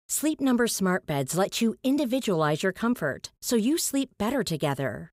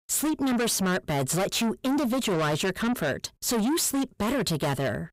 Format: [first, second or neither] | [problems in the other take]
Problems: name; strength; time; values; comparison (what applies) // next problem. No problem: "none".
first | distortion; heavy; 7 dB below the speech